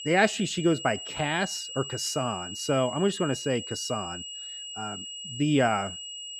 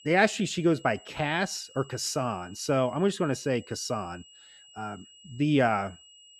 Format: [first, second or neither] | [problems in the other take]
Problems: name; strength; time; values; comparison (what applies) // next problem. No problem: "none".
second | high-pitched whine; loud; throughout; 3 kHz, 9 dB below the speech; faint in the second